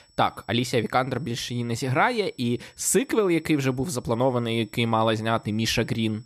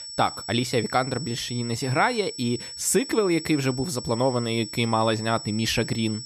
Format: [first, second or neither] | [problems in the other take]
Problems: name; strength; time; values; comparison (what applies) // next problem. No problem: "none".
first | high-pitched whine; loud; throughout; 5.5 kHz, 10 dB below the speech; faint in the first